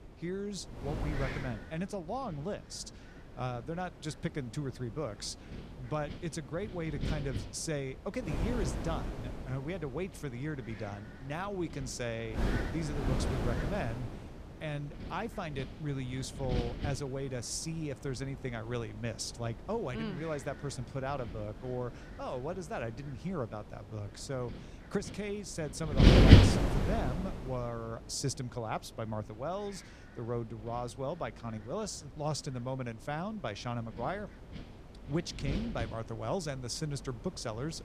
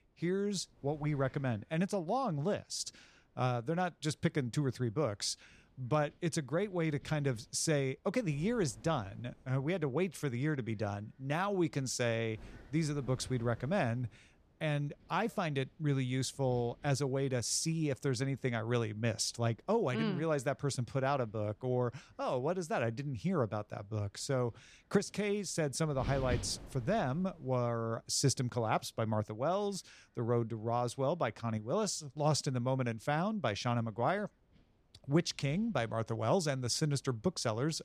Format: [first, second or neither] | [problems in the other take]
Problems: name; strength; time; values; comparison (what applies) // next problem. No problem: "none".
second | wind noise on the microphone; heavy; 2 dB above the speech; occasional gusts in the second